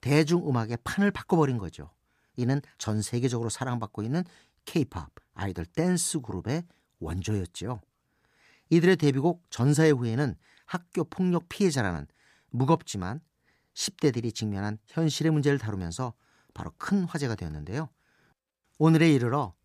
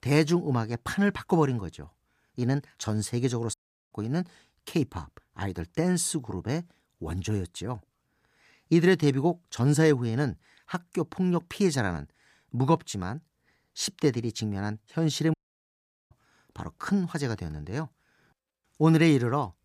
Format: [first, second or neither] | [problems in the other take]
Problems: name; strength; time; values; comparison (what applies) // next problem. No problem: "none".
first | audio cutting out; at 3.5 s and at 15 s for 1 s